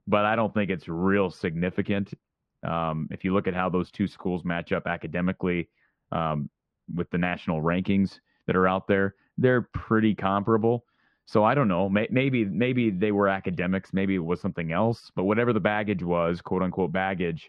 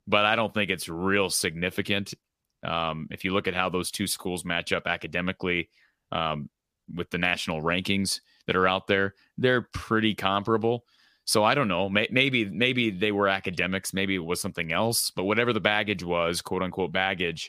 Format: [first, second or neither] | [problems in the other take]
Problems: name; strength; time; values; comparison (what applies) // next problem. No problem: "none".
second | muffled; very; fading above 1.5 kHz